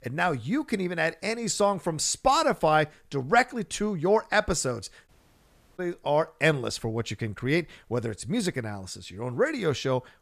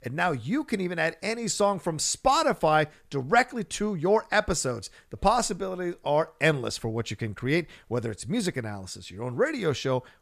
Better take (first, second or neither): second